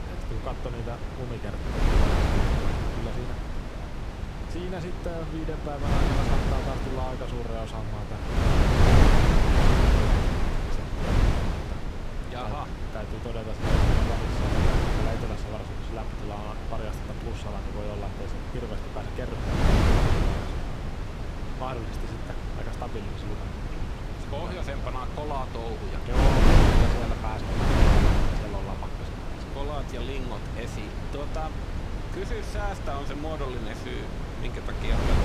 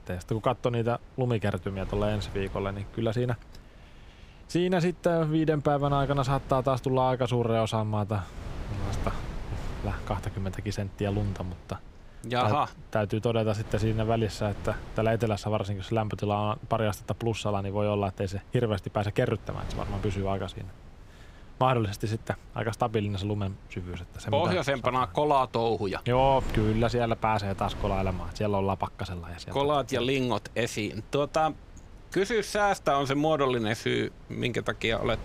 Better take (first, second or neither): second